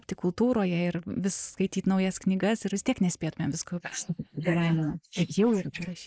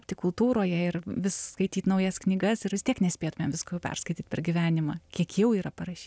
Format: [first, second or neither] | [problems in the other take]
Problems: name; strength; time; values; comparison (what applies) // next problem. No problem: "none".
second | noise reduction (neural mask model Resemble Enhance denoiser)